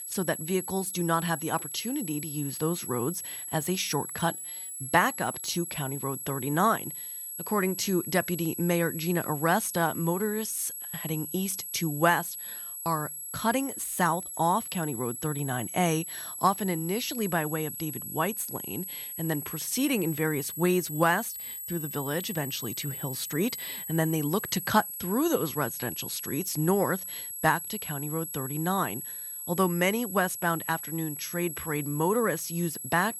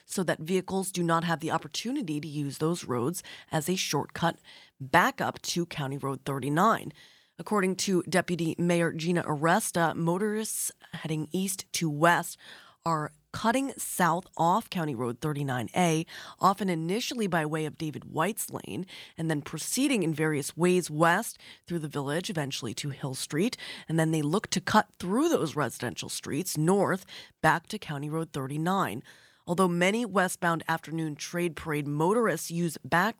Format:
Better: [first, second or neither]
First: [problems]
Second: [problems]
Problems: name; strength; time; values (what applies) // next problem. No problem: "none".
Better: second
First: high-pitched whine; loud; throughout; 11.5 kHz, 6 dB below the speech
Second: none